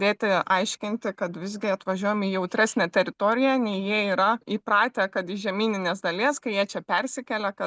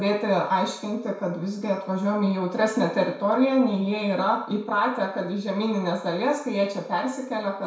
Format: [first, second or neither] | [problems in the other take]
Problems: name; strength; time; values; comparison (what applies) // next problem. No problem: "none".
first | room echo; dies away in 0.6 s